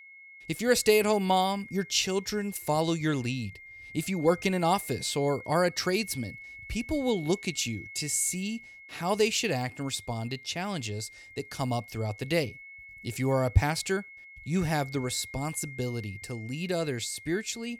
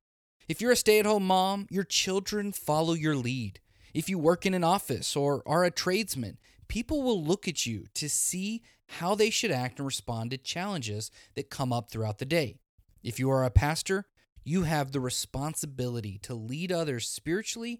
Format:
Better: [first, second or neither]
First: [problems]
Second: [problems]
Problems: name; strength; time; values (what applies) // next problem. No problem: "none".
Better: second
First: high-pitched whine; noticeable; throughout; 2 kHz, 15 dB below the speech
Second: none